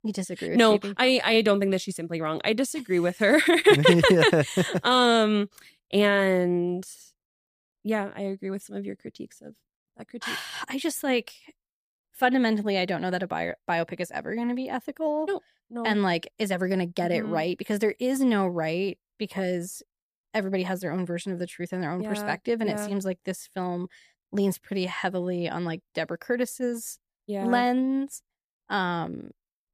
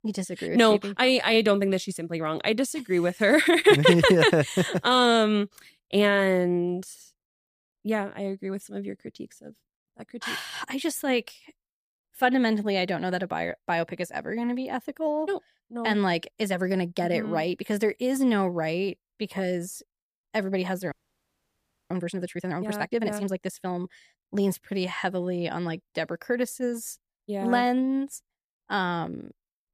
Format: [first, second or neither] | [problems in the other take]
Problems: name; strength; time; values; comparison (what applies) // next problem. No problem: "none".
first | audio freezing; at 21 s for 1 s